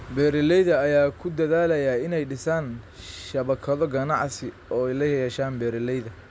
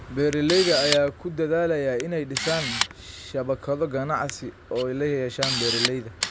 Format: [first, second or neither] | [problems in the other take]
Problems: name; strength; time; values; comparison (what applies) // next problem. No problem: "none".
first | background sound (Camera); 6 dB below the speech